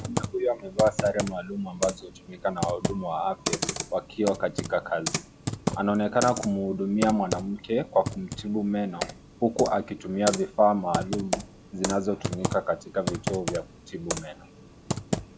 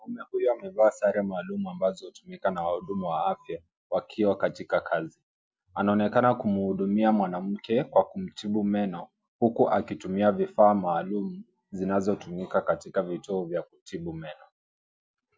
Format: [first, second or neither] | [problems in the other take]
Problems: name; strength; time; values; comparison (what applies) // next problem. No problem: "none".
second | background sound (Computer keyboard); 6 dB below the speech